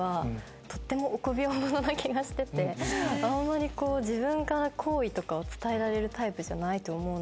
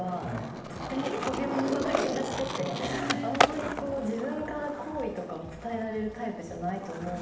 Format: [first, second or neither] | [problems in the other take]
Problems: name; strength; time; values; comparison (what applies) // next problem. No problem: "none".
first | background sound (Skateboard); 1 dB below the speech // room echo; dies away in 0.8 s